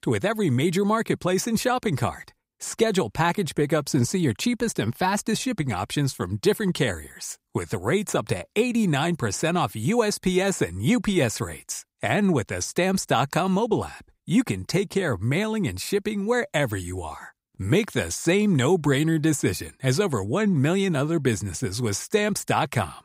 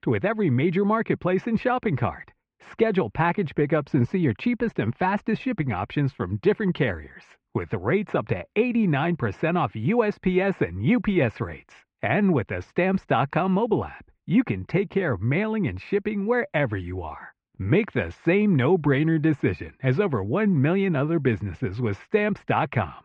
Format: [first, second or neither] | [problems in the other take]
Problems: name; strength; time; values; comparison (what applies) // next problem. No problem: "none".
first | muffled; very; fading above 2.5 kHz